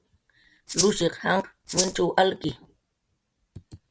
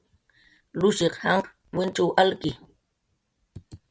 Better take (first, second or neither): second